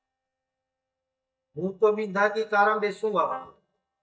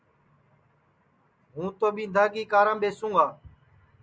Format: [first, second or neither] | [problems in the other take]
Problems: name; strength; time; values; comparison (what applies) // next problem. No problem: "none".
second | noise reduction (neural mask model DeepFilterNet 3)